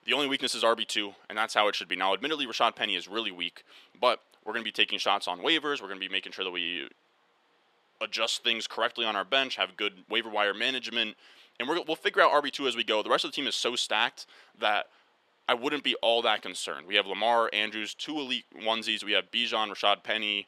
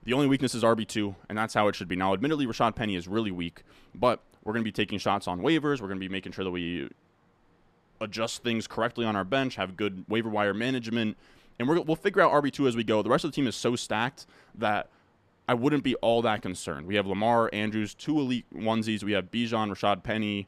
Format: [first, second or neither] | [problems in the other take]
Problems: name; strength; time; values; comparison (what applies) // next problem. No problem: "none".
second | thin; somewhat; fading below 500 Hz